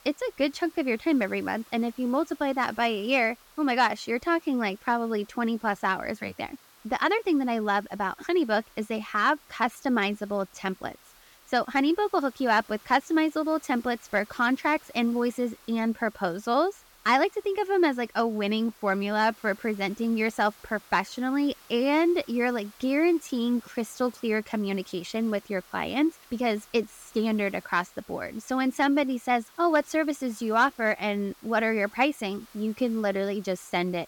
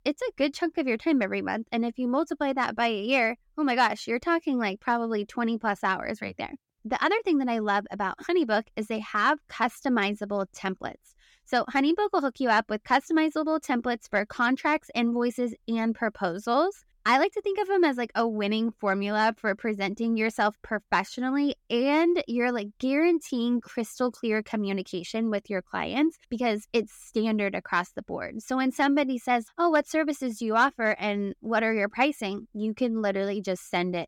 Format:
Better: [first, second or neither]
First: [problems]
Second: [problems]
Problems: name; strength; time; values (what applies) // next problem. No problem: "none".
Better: second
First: hiss; faint; throughout; 25 dB below the speech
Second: none